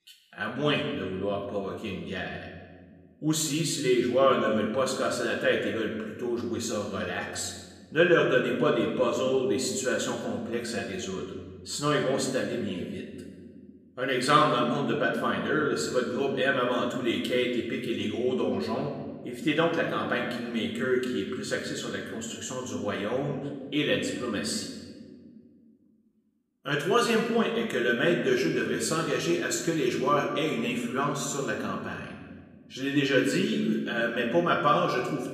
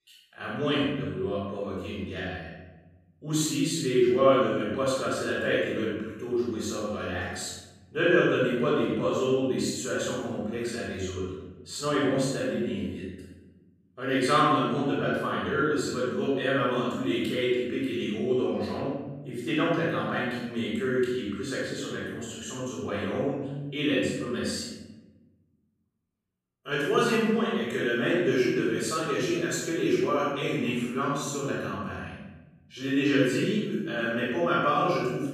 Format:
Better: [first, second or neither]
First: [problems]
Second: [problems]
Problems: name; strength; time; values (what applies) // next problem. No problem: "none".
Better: first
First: room echo; slight; dies away in 1.3 s // off-mic speech; somewhat distant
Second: room echo; strong; dies away in 1.2 s // off-mic speech; far